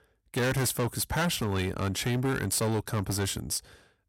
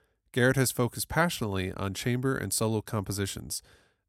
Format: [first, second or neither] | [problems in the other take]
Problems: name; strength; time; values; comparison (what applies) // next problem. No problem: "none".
second | distortion; heavy; 18% of the sound clipped